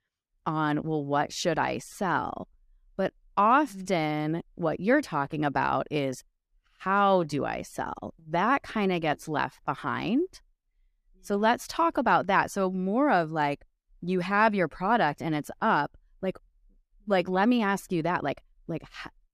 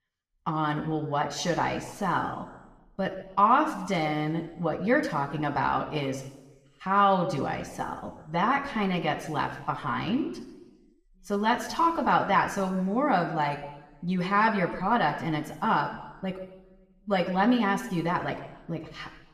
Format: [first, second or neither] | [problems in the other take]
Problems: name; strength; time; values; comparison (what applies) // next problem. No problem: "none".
first | room echo; slight; dies away in 1 s // off-mic speech; somewhat distant